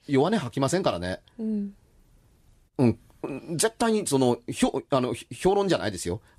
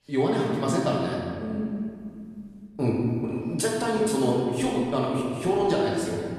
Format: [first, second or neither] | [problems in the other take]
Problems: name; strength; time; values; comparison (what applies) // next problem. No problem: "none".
first | off-mic speech; far // room echo; noticeable; dies away in 2.1 s